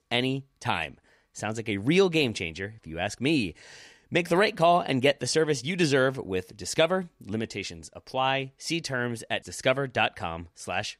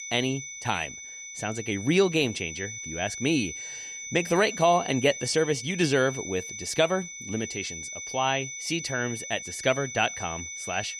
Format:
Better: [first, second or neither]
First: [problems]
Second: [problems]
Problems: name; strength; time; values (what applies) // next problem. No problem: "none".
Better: first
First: none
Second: high-pitched whine; loud; throughout; 6 kHz, 8 dB below the speech